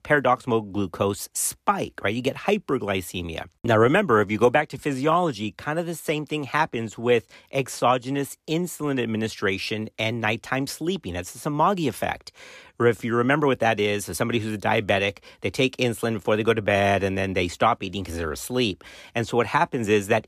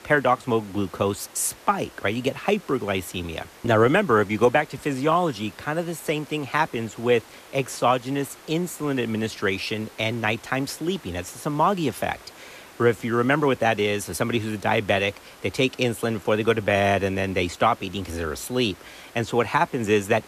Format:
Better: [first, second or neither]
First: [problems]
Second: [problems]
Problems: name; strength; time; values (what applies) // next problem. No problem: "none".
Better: first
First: none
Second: hiss; faint; throughout; 20 dB below the speech